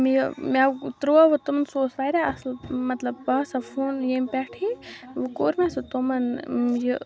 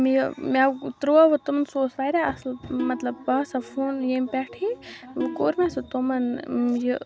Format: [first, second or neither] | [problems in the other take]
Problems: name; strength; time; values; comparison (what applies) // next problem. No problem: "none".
first | background sound (Plucked string instrument); 14 dB below the speech